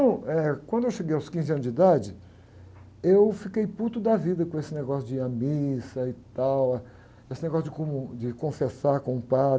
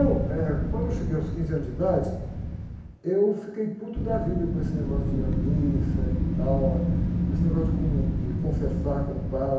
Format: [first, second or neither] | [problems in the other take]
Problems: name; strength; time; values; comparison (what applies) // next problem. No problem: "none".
first | background sound (Wind); 2 dB above the speech // room echo; dies away in 0.9 s